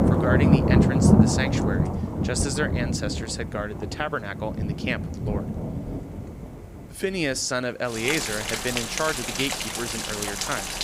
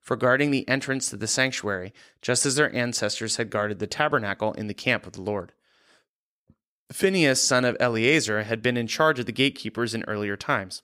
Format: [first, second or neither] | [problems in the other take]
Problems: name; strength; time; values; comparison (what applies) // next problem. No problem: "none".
second | rain or running water; very loud; throughout; 5 dB above the speech